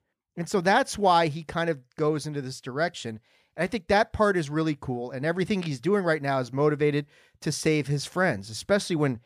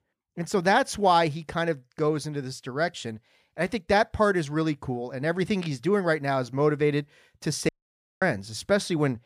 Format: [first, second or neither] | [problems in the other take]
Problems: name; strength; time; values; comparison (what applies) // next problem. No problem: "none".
first | audio cutting out; at 7.5 s for 0.5 s